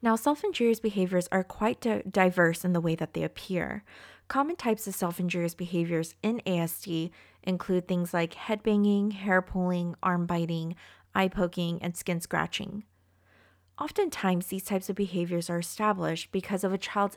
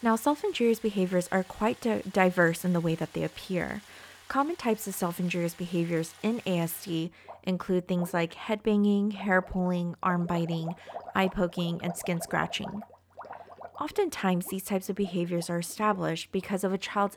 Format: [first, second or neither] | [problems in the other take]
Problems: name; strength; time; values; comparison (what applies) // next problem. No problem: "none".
first | rain or running water; noticeable; throughout; 20 dB below the speech